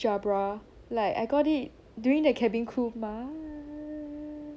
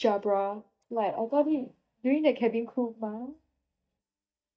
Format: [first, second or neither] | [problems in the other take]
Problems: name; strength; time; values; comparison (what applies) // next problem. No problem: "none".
first | noise reduction (neural mask model DeepFilterNet 3)